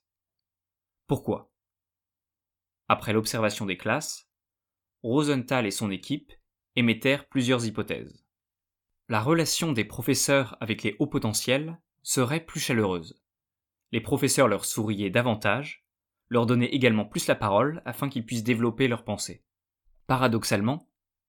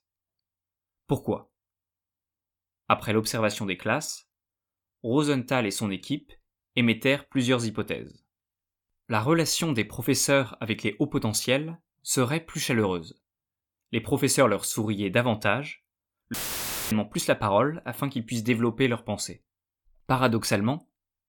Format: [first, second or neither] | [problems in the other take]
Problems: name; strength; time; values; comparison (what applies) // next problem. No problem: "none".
first | audio cutting out; filled with static; at 16 s for 0.5 s